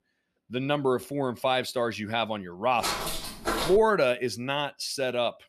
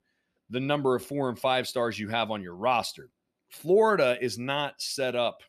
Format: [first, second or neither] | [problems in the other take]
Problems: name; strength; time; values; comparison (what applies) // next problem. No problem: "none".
second | footsteps; noticeable; from 3 to 4 s; peak 2 dB below the speech